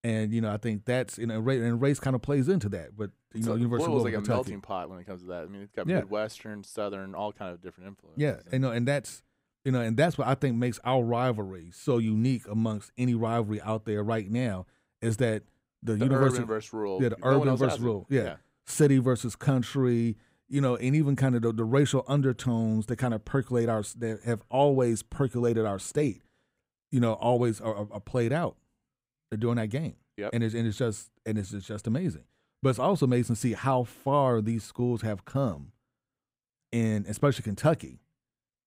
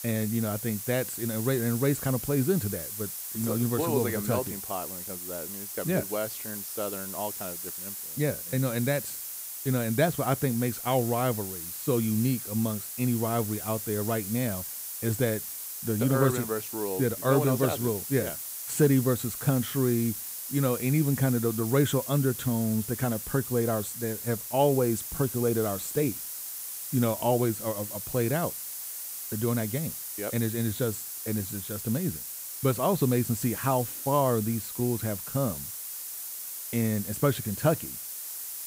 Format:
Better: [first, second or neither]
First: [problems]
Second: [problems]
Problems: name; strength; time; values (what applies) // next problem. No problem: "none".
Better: first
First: none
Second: hiss; loud; throughout; 6 dB below the speech